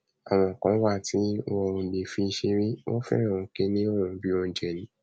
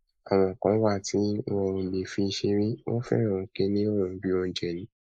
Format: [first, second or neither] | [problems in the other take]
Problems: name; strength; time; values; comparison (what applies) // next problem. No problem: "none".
first | noise reduction (neural mask model Resemble Enhance denoiser)